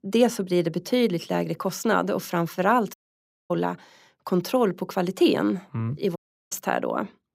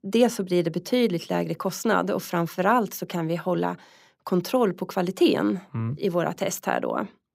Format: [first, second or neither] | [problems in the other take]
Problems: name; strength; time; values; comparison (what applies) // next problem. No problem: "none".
second | audio cutting out; at 3 s for 0.5 s and at 6 s